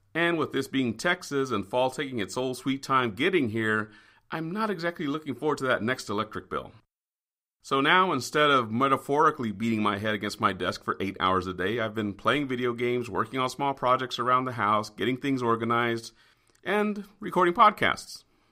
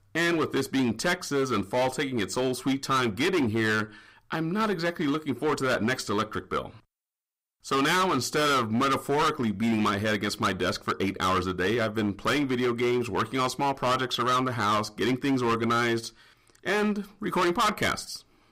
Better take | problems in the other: first | distortion; heavy; 15% of the sound clipped

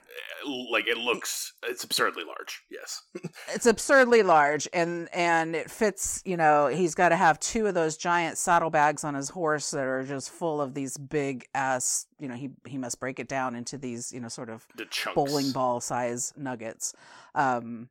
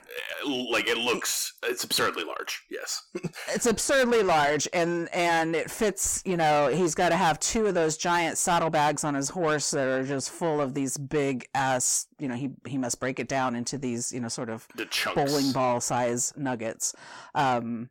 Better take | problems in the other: first | distortion; heavy; 7 dB below the speech

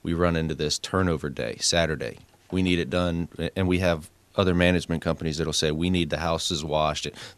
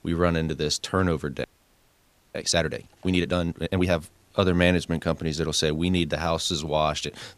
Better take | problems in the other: first | audio freezing; at 1.5 s for 1 s

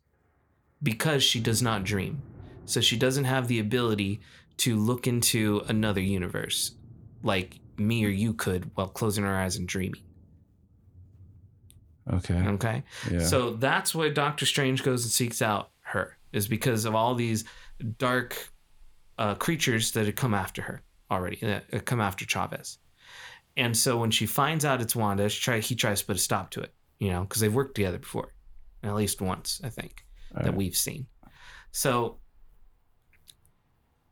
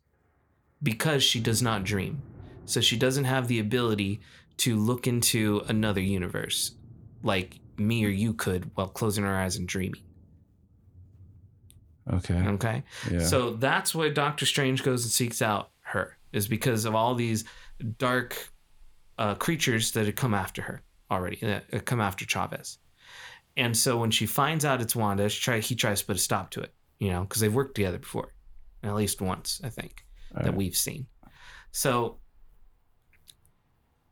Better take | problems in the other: neither | rain or running water; faint; throughout; 25 dB below the speech; the same in both

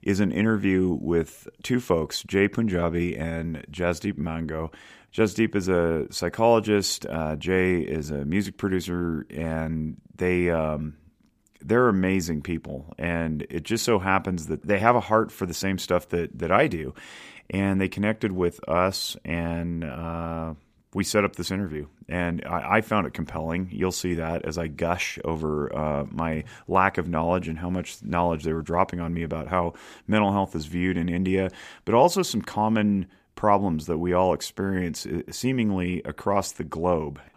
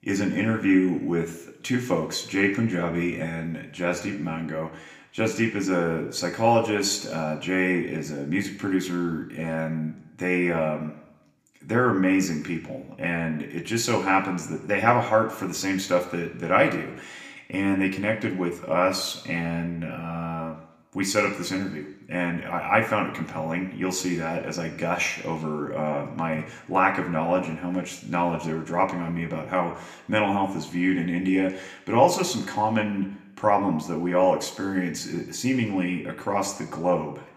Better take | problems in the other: first | room echo; very slight; dies away in 0.7 s

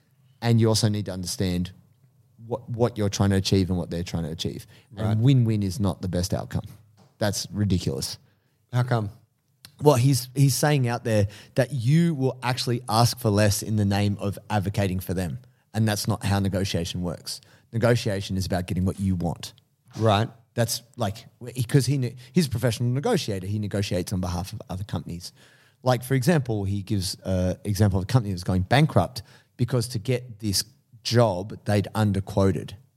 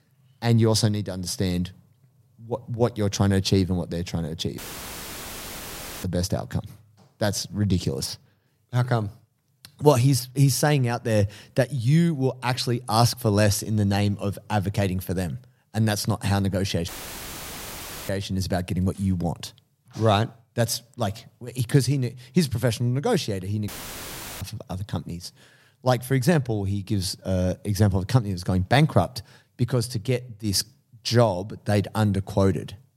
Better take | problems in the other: first | audio cutting out; filled with static; at 4.5 s for 1.5 s, at 17 s for 1 s and at 24 s for 0.5 s

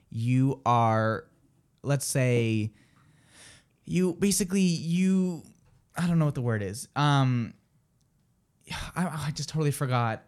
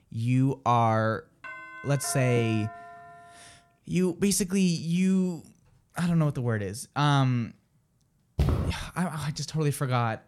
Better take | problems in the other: first | doorbell; faint; from 1.5 to 3.5 s; peak 10 dB below the speech // footsteps; noticeable; at 8.5 s; peak level with the speech

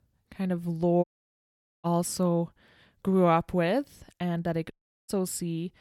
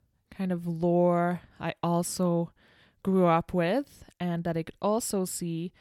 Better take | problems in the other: second | audio cutting out; at 1 s for 1 s and at 4.5 s

